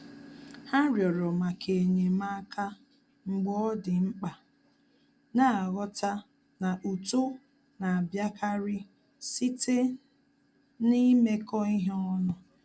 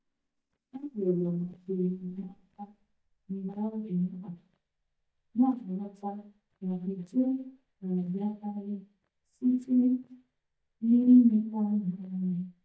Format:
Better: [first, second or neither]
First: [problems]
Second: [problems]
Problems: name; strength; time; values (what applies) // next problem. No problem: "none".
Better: first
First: none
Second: noise reduction (neural mask model DeepFilterNet 3)